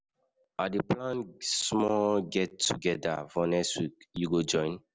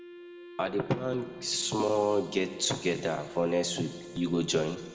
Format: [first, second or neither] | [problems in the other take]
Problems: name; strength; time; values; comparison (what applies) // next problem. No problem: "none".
first | background sound (Wind instrument, woodwind instrument); 17 dB below the speech // room echo; dies away in 1.8 s